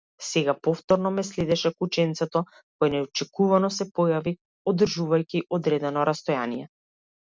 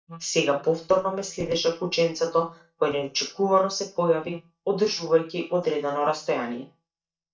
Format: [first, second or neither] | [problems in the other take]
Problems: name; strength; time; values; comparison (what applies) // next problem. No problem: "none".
first | noise reduction (neural mask model DeepFilterNet 3)